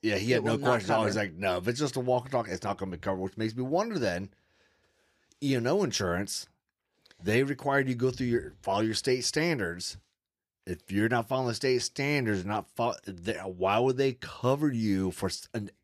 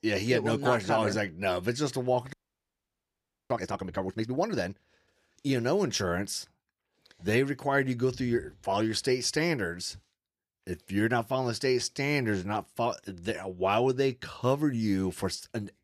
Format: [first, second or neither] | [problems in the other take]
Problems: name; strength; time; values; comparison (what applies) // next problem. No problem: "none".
first | audio freezing; at 2.5 s for 1 s